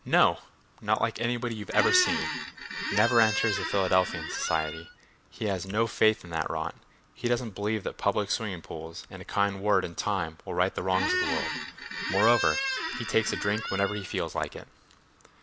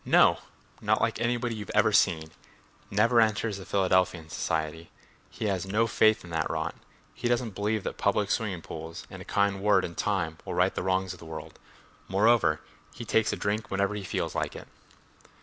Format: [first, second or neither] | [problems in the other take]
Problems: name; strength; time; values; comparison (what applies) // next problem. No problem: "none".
second | background sound (Squeak); 3 dB below the speech